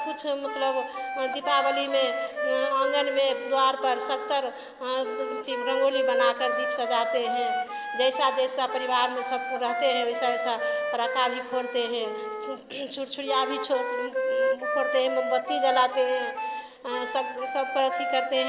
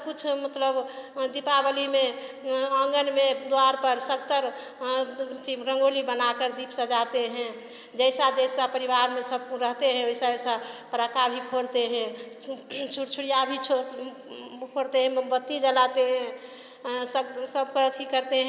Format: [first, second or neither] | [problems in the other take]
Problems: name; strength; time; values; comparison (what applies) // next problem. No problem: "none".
second | background sound (Wind instrument, woodwind instrument); 3 dB below the speech